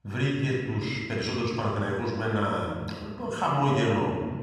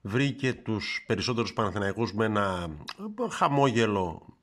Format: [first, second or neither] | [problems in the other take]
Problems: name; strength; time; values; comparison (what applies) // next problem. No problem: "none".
second | off-mic speech; somewhat distant // room echo; noticeable; dies away in 1.8 s